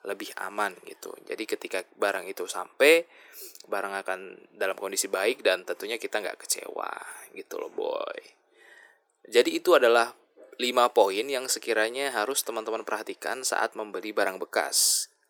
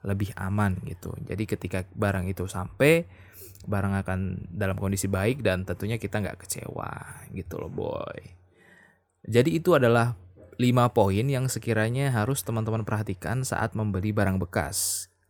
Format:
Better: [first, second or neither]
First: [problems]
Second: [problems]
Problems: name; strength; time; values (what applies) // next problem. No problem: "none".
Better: second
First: thin; very; fading below 350 Hz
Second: none